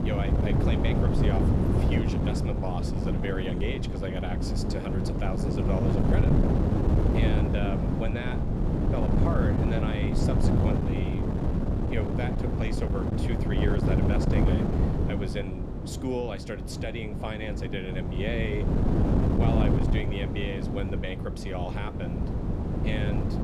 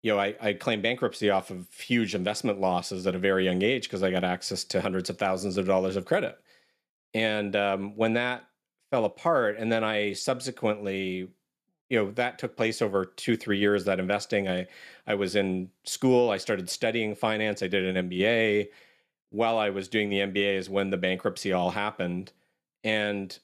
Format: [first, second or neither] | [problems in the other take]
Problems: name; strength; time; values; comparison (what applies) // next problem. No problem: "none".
second | wind noise on the microphone; heavy; 2 dB above the speech